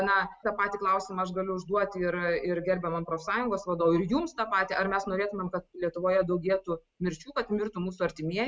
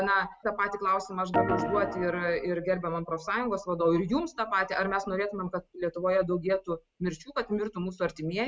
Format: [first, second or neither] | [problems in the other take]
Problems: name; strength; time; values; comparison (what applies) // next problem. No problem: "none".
first | background sound (Organ); 1 dB below the speech